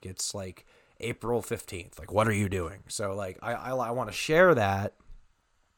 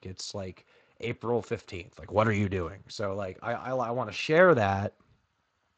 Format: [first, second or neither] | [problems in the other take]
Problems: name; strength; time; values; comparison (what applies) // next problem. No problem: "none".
first | garbled, watery; slightly; nothing above 8 kHz